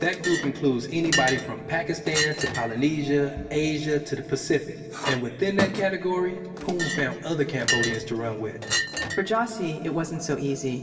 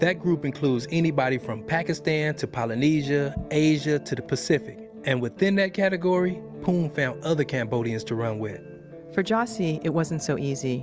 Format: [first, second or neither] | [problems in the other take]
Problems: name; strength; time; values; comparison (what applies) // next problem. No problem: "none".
second | background sound (Chink, clink); 6 dB below the speech // room echo; dies away in 2 s